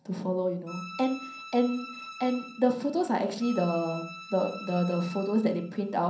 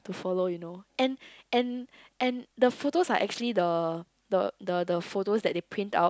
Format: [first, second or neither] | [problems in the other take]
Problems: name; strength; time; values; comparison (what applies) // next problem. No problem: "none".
second | background sound (Bowed string instrument); 15 dB below the speech // room echo; dies away in 0.6 s